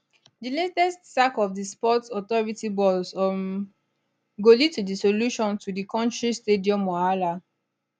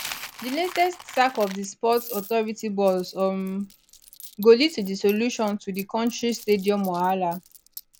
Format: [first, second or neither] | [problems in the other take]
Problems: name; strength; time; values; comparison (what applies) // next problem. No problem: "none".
first | background sound (Coin (dropping)); 18 dB below the speech